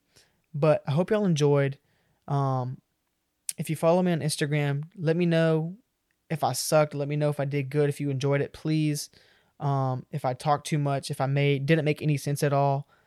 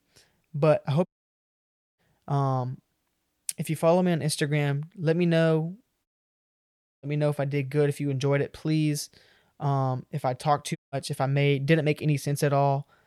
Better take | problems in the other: first | audio cutting out; at 1 s for 1 s, at 6 s for 1 s and at 11 s

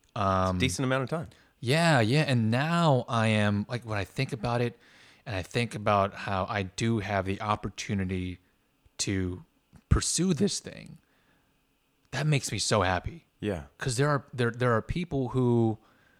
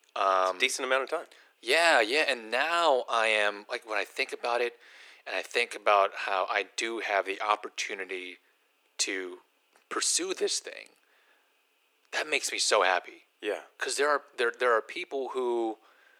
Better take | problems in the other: first | thin; very; fading below 350 Hz

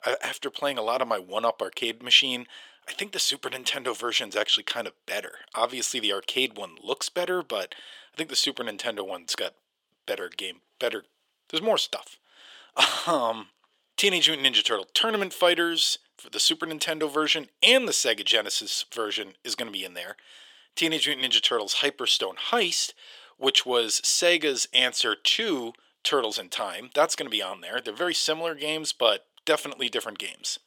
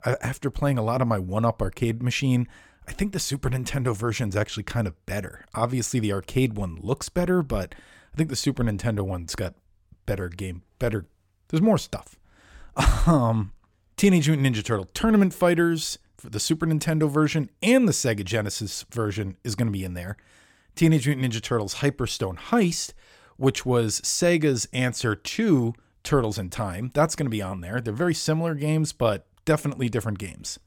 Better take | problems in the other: second | thin; very; fading below 400 Hz

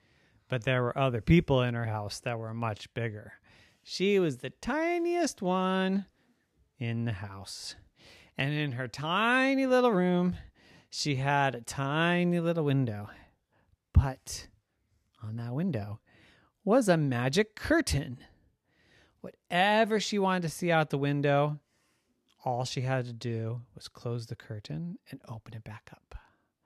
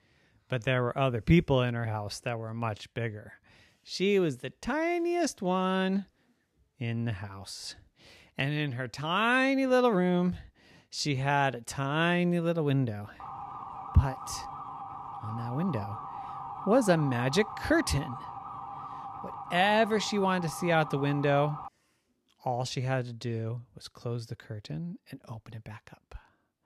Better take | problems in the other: first | siren; faint; from 13 to 22 s; peak 10 dB below the speech

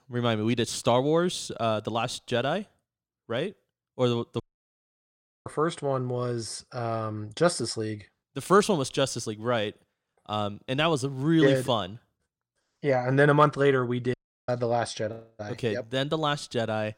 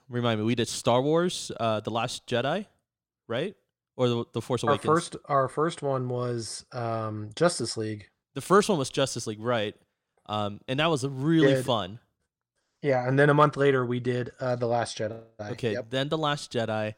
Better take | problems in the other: second | audio cutting out; at 4.5 s for 1 s and at 14 s

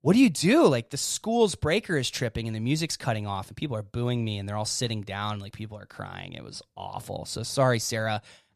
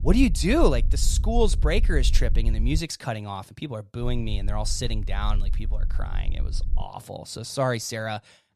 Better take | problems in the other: first | low rumble; faint; until 3 s and from 4 to 7 s; 20 dB below the speech

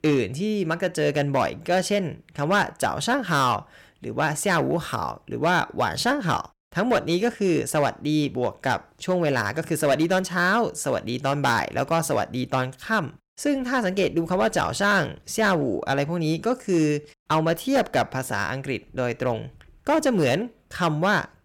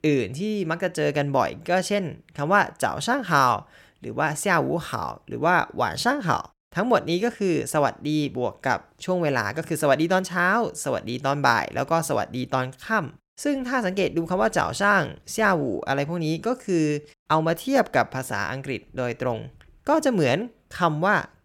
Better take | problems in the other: second | distortion; slight; 5% of the sound clipped

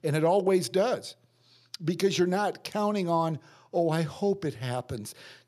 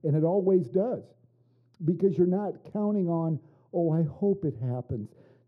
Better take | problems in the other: first | muffled; very; fading above 1 kHz

